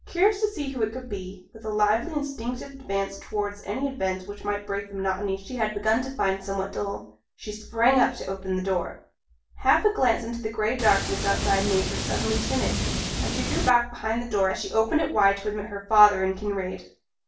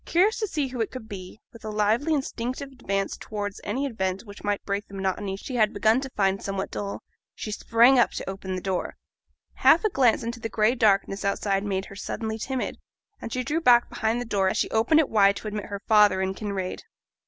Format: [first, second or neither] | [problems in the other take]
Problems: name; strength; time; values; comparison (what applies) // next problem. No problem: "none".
second | background sound (Water); 2 dB below the speech // room echo; dies away in 0.4 s